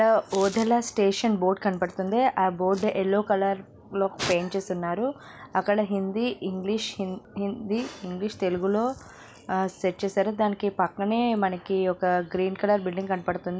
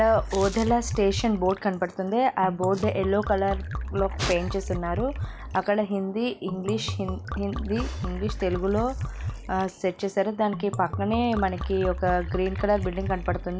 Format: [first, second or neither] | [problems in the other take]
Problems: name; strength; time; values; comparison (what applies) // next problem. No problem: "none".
first | background sound (Liquid); 7 dB below the speech